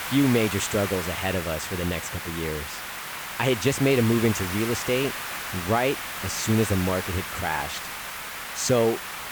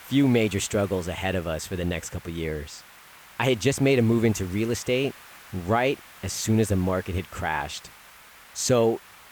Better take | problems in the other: second | hiss; loud; throughout; 6 dB below the speech; faint in the second

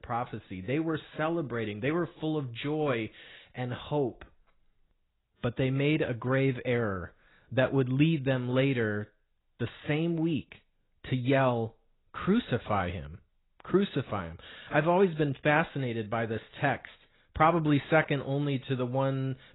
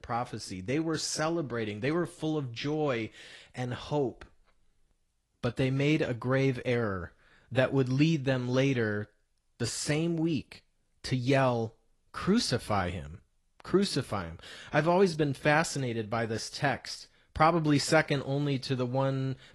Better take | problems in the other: second | garbled, watery; badly; nothing above 4 kHz; slightly in the second

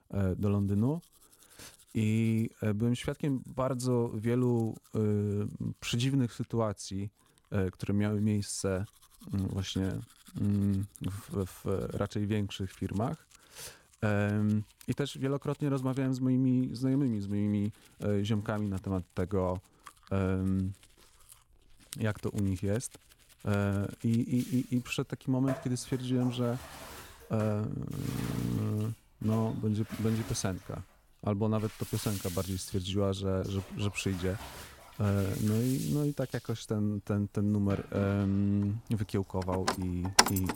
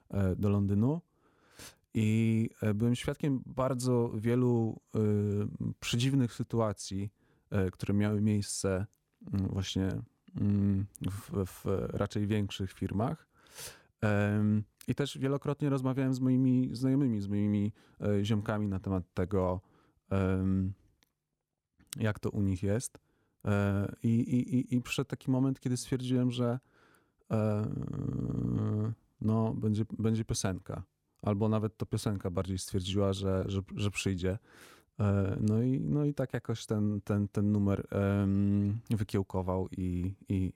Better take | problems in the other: second | household noises; loud; throughout; 7 dB below the speech

